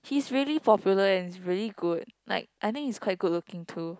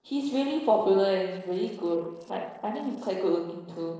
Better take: first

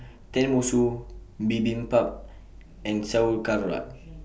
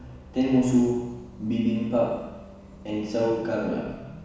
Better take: first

